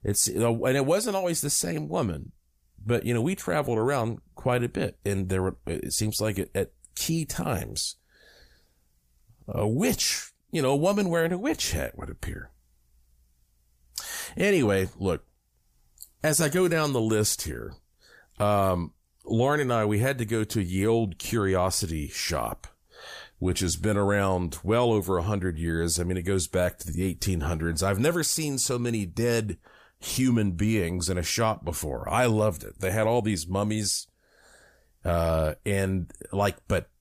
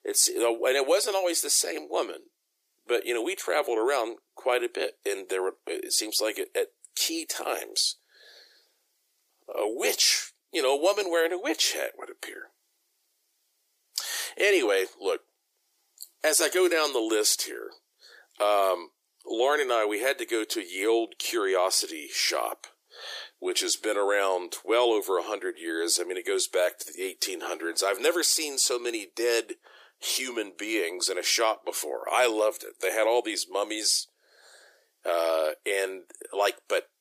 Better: first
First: none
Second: thin; very; fading below 350 Hz

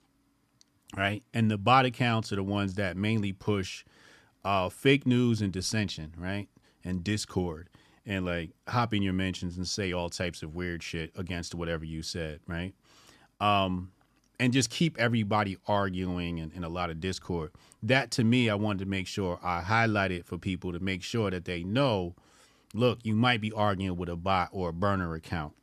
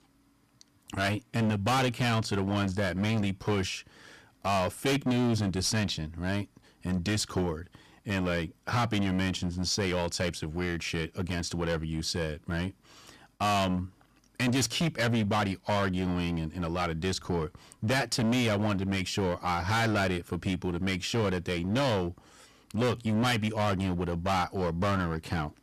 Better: first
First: none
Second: distortion; heavy; 14% of the sound clipped

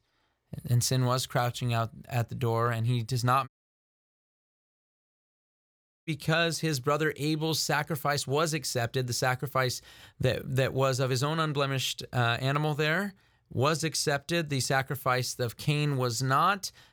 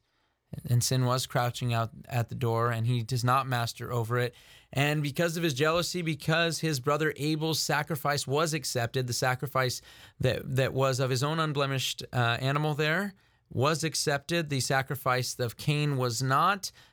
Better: second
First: audio cutting out; at 3.5 s for 2.5 s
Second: none

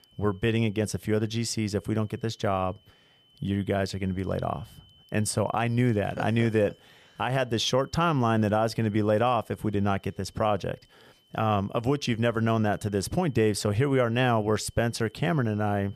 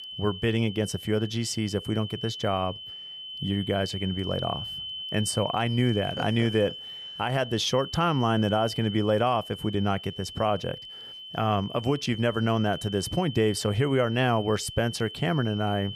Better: first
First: high-pitched whine; faint; throughout; 3 kHz, 35 dB below the speech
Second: high-pitched whine; loud; throughout; 3 kHz, 10 dB below the speech

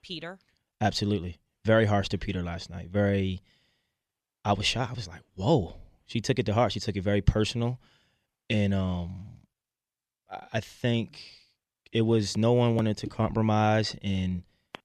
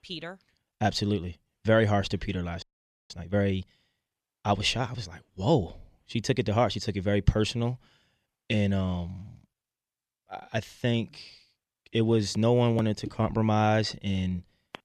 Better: first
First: none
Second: audio freezing; at 2.5 s

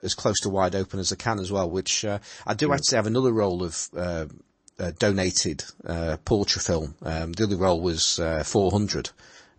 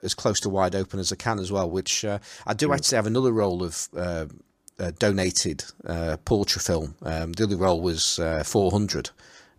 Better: second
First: garbled, watery; slightly; nothing above 8 kHz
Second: none

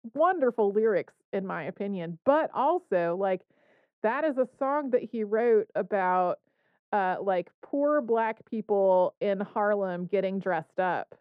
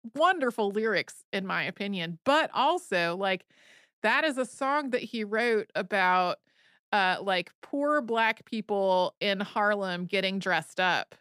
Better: second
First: muffled; very; fading above 2.5 kHz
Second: none

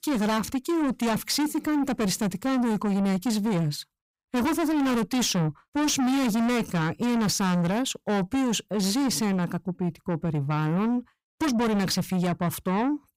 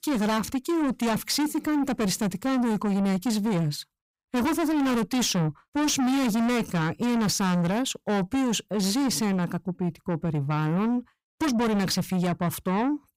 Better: neither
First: distortion; heavy; 6 dB below the speech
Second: distortion; heavy; 6 dB below the speech

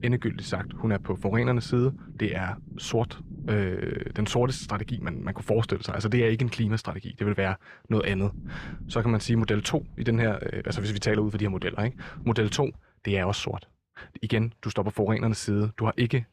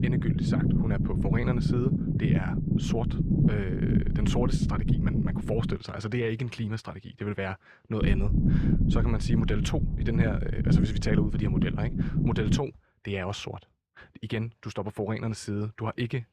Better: first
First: low rumble; faint; until 6 s and from 8 to 13 s; 20 dB below the speech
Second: low rumble; loud; until 6 s and from 8 to 13 s; as loud as the speech

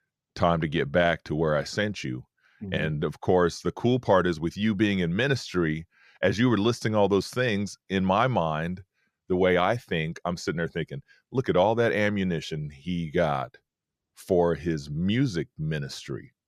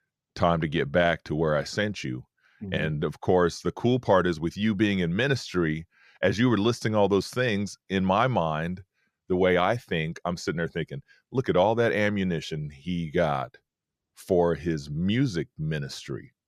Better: neither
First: none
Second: none

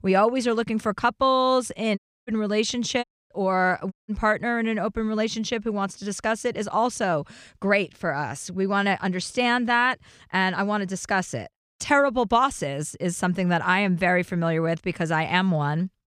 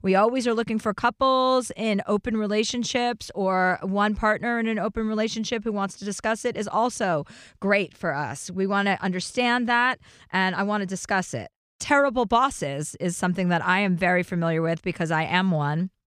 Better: second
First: audio cutting out; at 2 s, at 3 s and at 4 s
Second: none

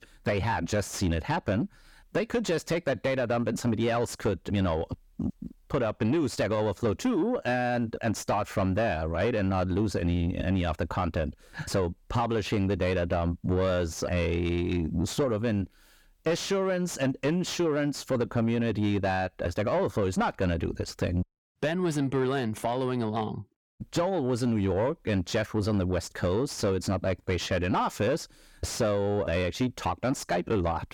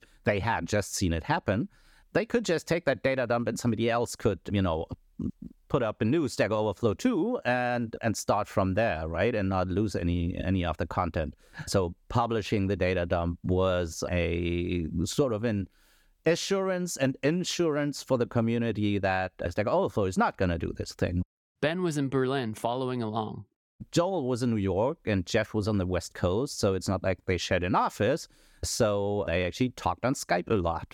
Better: second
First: distortion; slight; 10 dB below the speech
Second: none

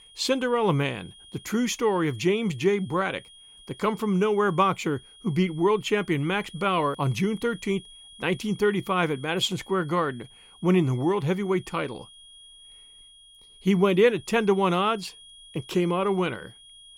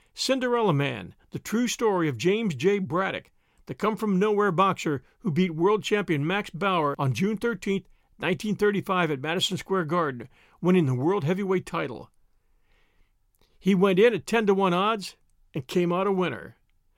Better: second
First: high-pitched whine; faint; throughout; 3.5 kHz, 20 dB below the speech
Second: none

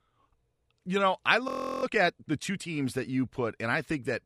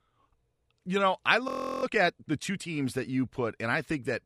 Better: neither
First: audio freezing; at 1.5 s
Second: audio freezing; at 1.5 s

